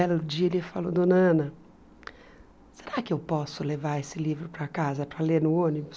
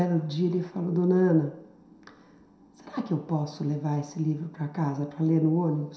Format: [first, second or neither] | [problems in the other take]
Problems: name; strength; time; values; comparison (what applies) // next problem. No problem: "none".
first | room echo; dies away in 0.7 s